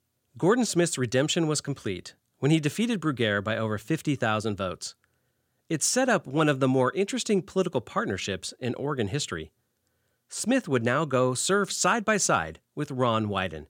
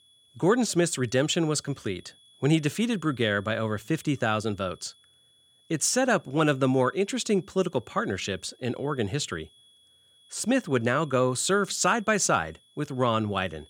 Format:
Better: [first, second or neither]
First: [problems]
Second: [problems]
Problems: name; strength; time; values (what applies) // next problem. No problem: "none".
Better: first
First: none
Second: high-pitched whine; faint; throughout; 3.5 kHz, 30 dB below the speech